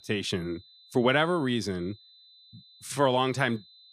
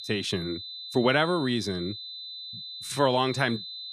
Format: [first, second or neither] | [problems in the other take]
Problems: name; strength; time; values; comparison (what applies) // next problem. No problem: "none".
first | high-pitched whine; loud; throughout; 4 kHz, 10 dB below the speech; faint in the first